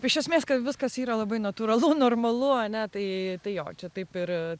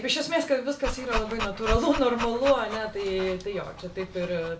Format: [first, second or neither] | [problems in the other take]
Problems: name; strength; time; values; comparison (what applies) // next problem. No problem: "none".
first | background sound (Dog); 7 dB below the speech // room echo; dies away in 0.3 s